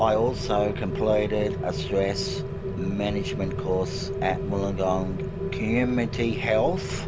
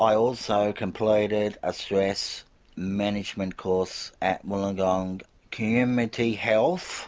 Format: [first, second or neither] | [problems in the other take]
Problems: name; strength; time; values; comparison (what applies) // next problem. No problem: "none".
second | background sound (Rain); 3 dB below the speech